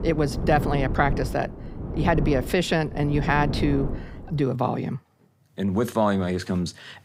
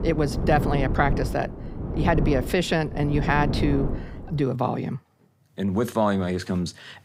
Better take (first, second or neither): first